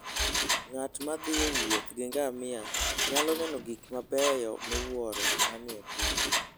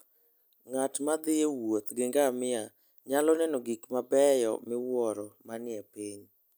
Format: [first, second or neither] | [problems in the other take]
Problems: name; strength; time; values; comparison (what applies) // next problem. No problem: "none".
second | background sound (Mechanisms); 2 dB above the speech